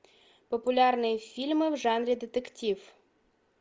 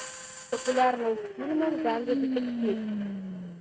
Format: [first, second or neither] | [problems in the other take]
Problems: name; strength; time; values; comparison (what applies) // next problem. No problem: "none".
first | noise reduction (neural mask model RNNoise)